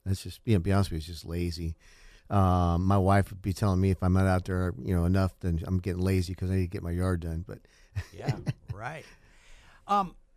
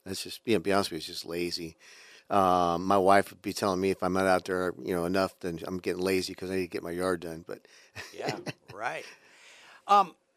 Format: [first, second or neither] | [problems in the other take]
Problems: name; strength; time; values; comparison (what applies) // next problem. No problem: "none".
first | thin; somewhat; fading below 350 Hz